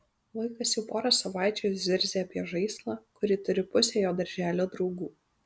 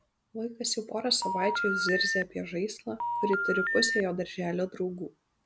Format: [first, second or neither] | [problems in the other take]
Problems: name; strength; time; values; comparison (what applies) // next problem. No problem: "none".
first | background sound (Telephone); as loud as the speech